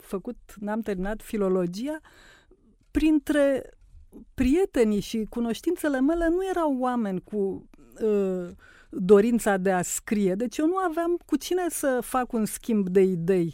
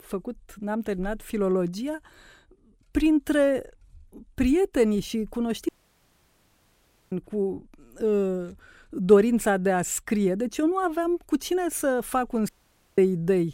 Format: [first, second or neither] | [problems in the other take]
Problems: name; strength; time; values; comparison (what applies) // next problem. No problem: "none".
first | audio cutting out; at 5.5 s for 1.5 s and at 12 s